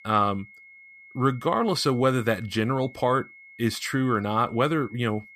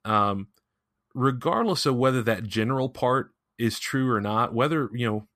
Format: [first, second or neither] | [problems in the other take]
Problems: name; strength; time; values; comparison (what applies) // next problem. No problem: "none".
second | high-pitched whine; faint; throughout; 2 kHz, 20 dB below the speech